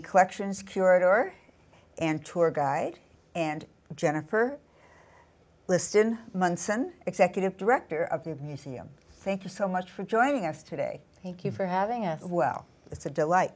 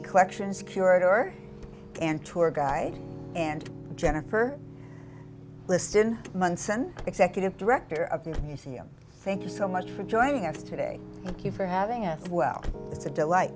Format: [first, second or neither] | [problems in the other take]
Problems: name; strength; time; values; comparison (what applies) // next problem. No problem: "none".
first | background sound (Piano + Car); 12 dB below the speech